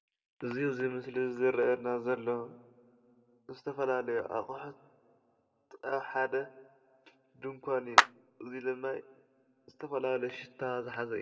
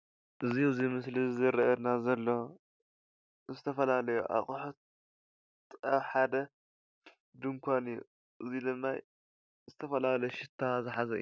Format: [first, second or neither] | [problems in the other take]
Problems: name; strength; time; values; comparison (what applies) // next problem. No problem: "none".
second | background sound (Clapping); 5 dB above the speech // room echo; dies away in 0.9 s